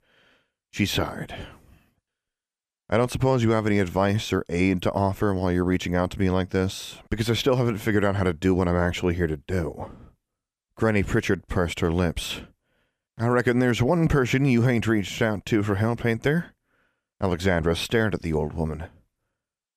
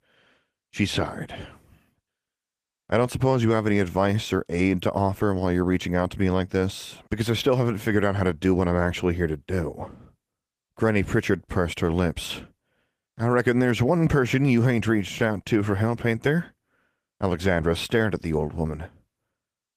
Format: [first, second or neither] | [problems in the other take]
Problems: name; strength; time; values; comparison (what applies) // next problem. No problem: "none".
first | garbled, watery; slightly; nothing above 14.5 kHz